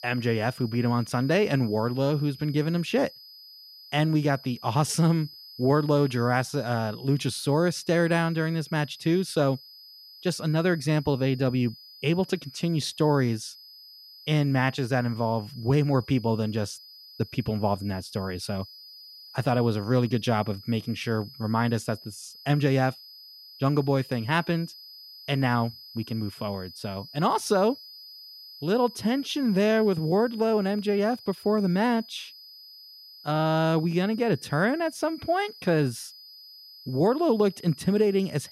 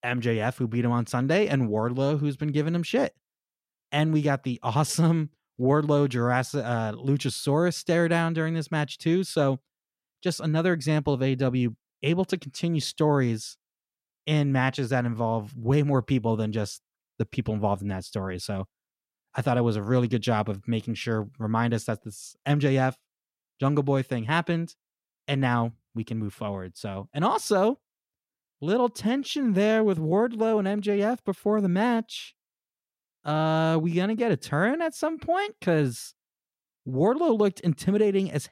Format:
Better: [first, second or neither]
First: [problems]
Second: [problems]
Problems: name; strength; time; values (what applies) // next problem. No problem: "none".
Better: second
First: high-pitched whine; noticeable; throughout; 5 kHz, 20 dB below the speech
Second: none